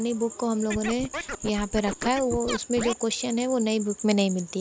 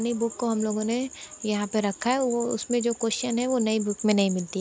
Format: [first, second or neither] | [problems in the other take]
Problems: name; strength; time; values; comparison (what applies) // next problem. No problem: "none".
second | background sound (Scratching (performance technique)); 9 dB below the speech